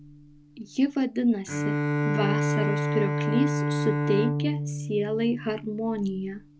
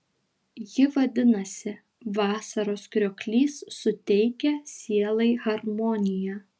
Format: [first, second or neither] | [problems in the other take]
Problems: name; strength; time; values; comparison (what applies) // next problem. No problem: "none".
second | background sound (Bowed string instrument); as loud as the speech